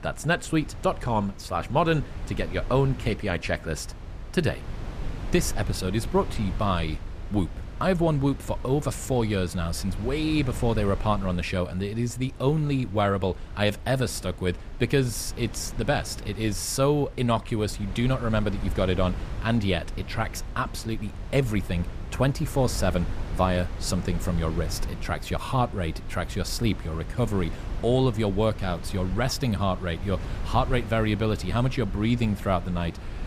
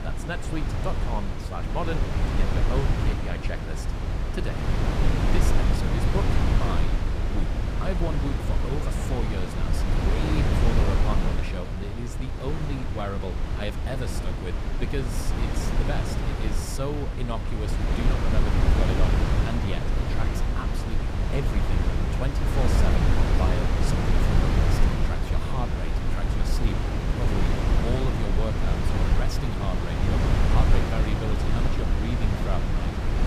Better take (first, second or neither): first